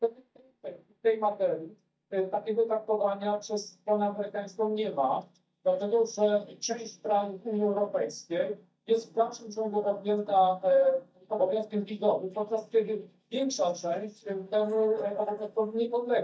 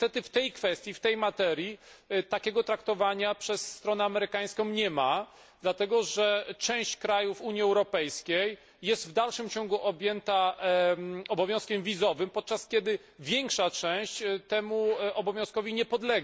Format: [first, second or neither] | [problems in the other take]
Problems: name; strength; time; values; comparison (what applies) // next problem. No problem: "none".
second | noise reduction (neural mask model DeepFilterNet 3)